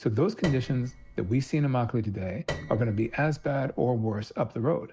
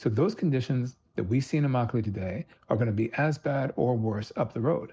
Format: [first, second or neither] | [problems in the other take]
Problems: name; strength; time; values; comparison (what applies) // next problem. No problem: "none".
second | background sound (Piano); 14 dB below the speech